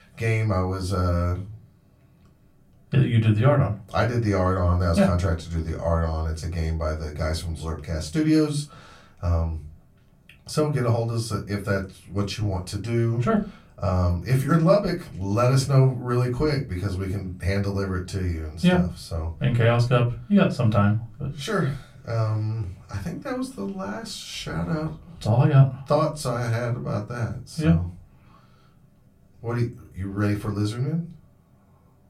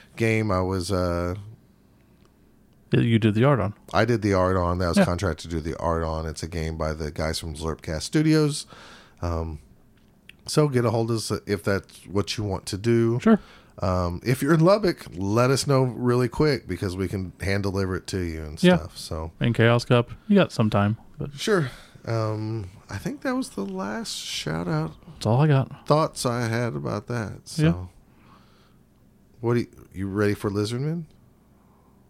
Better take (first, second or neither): second